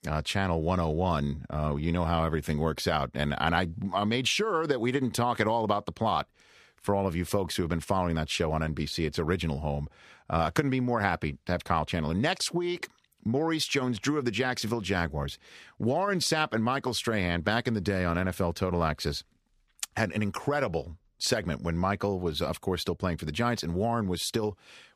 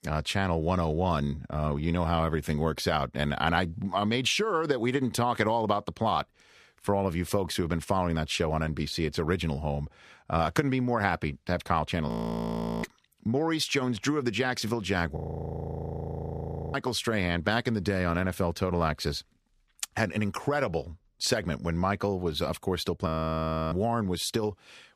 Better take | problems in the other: first | audio freezing; at 12 s for 0.5 s, at 15 s for 1.5 s and at 23 s for 0.5 s

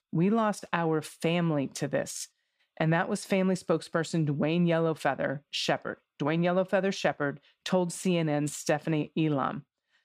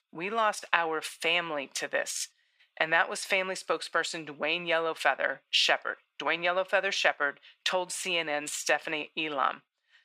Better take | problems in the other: first | thin; very; fading below 650 Hz

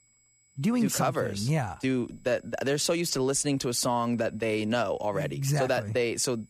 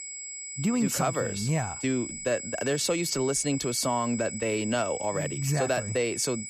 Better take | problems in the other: first | high-pitched whine; loud; throughout; 8 kHz, 7 dB below the speech; faint in the first

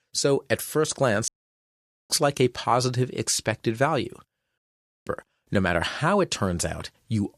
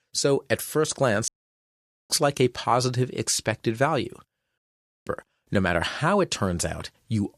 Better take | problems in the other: neither | audio cutting out; at 1.5 s for 1 s and at 4.5 s; the same in both

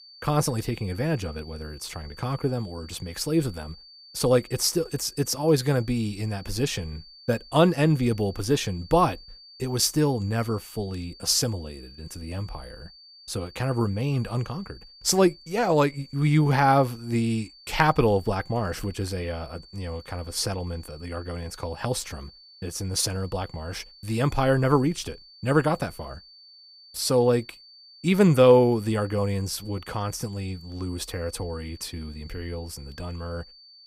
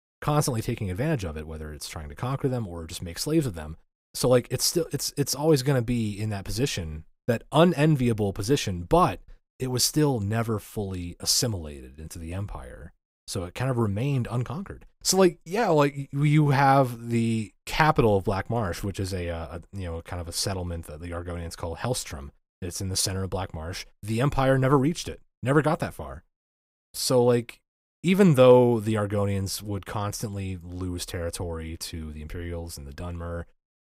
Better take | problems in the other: second | high-pitched whine; faint; throughout; 4.5 kHz, 20 dB below the speech

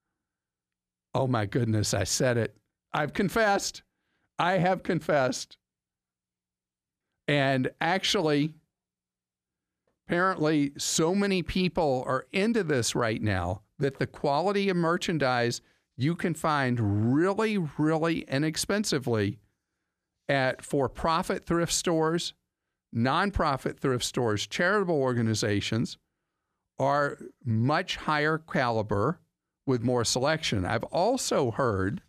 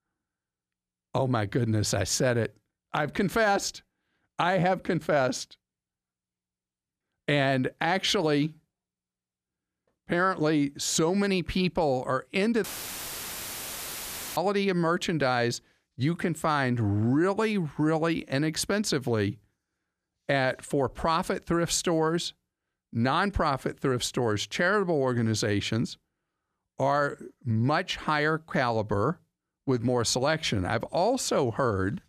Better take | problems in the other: first | audio cutting out; filled with static; at 13 s for 1.5 s

